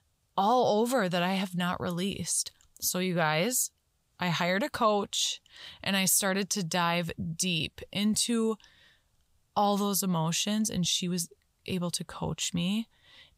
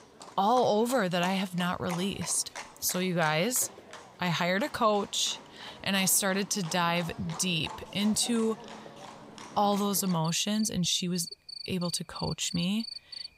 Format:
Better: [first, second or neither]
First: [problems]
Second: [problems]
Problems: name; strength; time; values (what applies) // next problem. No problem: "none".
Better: first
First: none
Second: animal sounds; noticeable; throughout; 15 dB below the speech